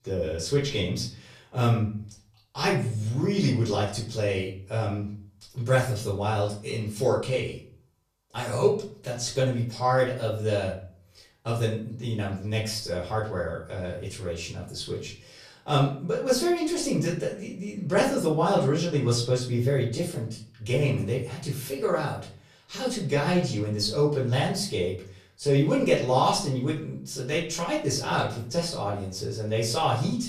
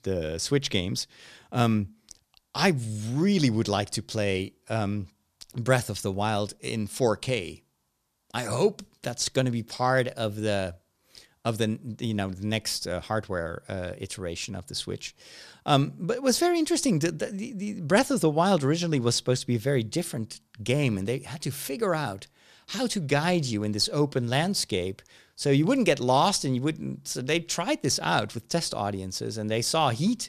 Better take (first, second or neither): second